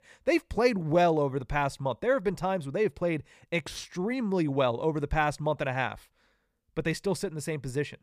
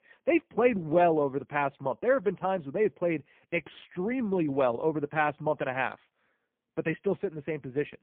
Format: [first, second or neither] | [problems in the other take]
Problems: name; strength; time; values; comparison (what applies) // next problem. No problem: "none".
first | phone-call audio; poor line